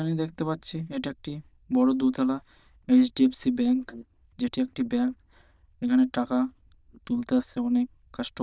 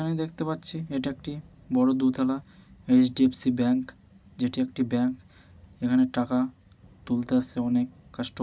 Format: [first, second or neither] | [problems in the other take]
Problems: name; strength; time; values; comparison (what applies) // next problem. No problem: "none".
second | noise reduction (neural diffusion model UNIVERSE++)